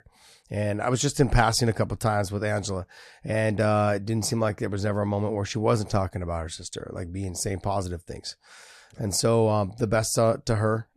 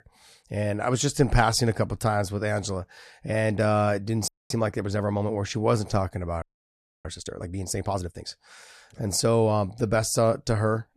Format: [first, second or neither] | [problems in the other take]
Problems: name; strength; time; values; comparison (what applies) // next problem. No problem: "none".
first | audio freezing; at 4.5 s and at 6.5 s for 0.5 s